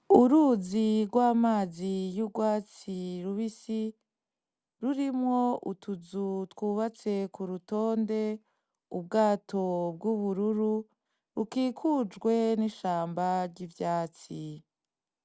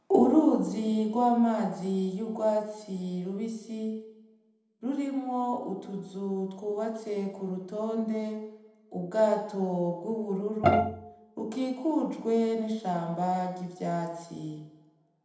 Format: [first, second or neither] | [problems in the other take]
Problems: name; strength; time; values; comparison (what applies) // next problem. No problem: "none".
first | background sound (Bowed string instrument); 1 dB above the speech // room echo; dies away in 0.8 s